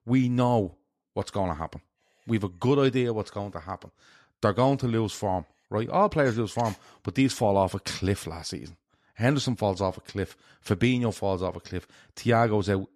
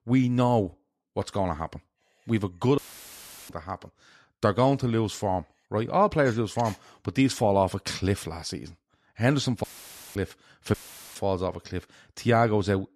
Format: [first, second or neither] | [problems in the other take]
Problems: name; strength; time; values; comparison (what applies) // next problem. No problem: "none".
first | audio cutting out; filled with static; at 3 s for 0.5 s, at 9.5 s for 0.5 s and at 11 s